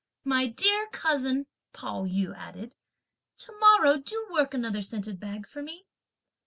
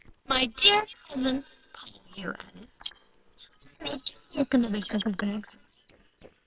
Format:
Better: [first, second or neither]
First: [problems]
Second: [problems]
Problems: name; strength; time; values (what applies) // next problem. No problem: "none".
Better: first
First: none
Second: noise reduction (neural separator model SepFormer WHAMR!)